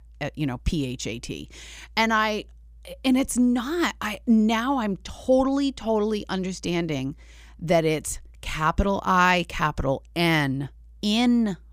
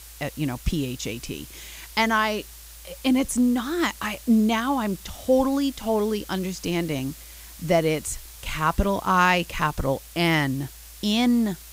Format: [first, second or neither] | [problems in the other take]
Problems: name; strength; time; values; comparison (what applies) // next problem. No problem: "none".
first | hiss; noticeable; throughout; 20 dB below the speech